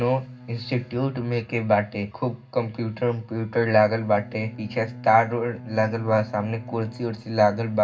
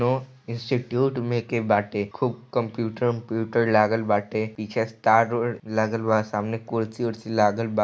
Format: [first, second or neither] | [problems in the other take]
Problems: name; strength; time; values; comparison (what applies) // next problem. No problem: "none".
second | background sound (Bowed string instrument); 19 dB below the speech // room echo; dies away in 0.4 s